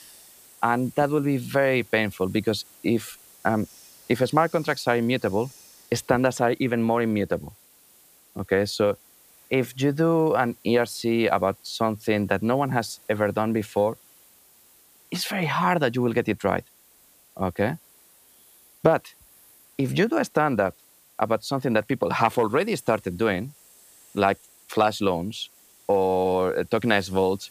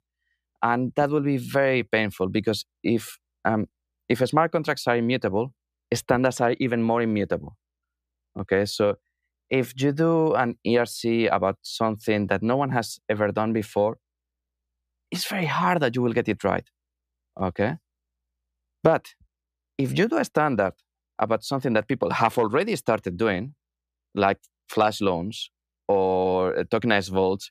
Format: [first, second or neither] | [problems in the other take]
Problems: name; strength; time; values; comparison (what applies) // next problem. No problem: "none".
second | hiss; faint; throughout; 25 dB below the speech